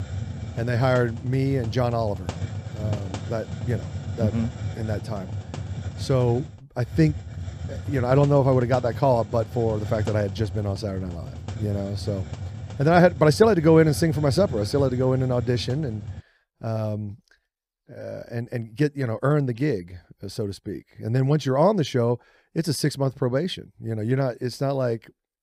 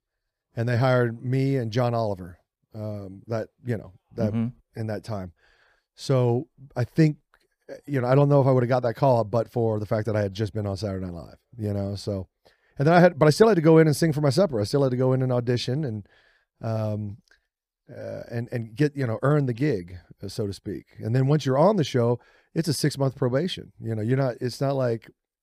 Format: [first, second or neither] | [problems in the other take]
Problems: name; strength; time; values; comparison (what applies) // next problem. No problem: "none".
second | hiss; noticeable; until 16 s; 10 dB below the speech